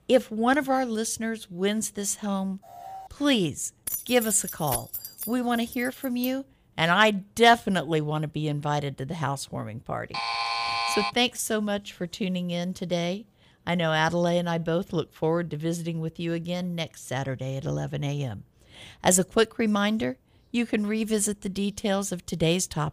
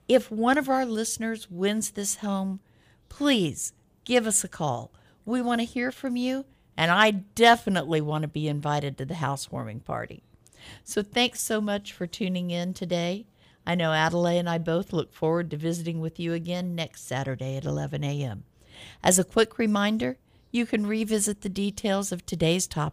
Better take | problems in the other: second | alarm; faint; at 2.5 s; peak 15 dB below the speech // jangling keys; noticeable; from 4 to 6.5 s; peak 4 dB below the speech // alarm; loud; at 10 s; peak 1 dB above the speech

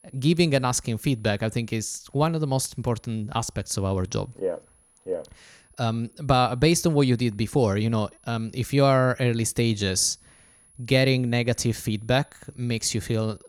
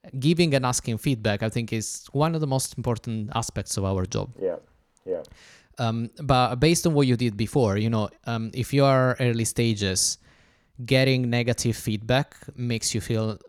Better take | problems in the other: second | high-pitched whine; faint; throughout; 10.5 kHz, 30 dB below the speech

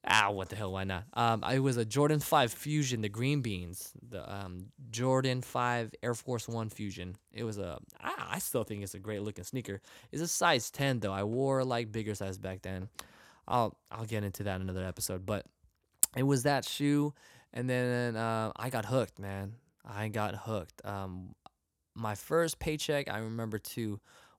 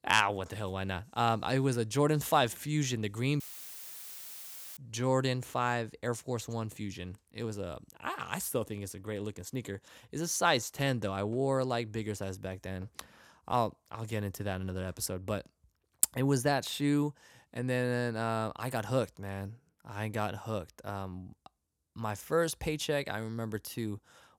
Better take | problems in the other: first | audio cutting out; filled with static; at 3.5 s for 1.5 s

